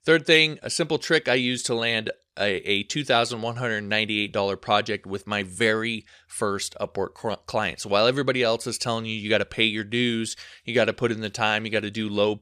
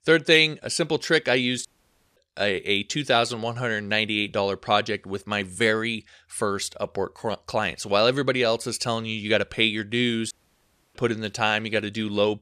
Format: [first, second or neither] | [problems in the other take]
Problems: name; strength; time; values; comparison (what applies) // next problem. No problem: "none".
first | audio cutting out; at 1.5 s for 0.5 s and at 10 s for 0.5 s